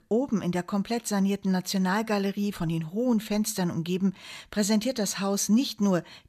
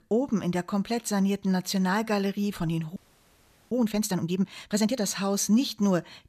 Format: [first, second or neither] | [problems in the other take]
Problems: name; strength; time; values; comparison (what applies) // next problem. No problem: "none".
first | audio freezing; at 3 s for 1 s